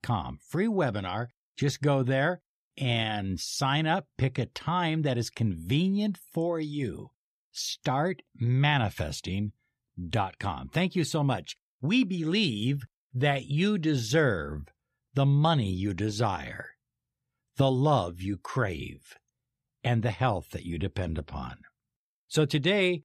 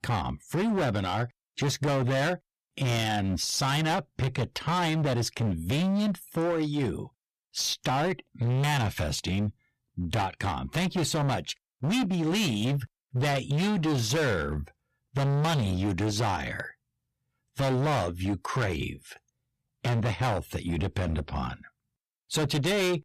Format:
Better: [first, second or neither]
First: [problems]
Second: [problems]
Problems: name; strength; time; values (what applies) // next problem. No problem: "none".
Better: first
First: none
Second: distortion; heavy; 24% of the sound clipped